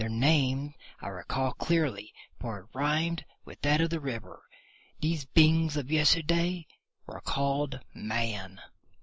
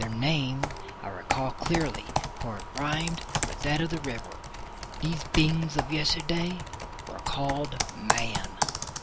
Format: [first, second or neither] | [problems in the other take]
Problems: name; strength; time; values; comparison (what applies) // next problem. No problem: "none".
first | background sound (Computer keyboard); 3 dB below the speech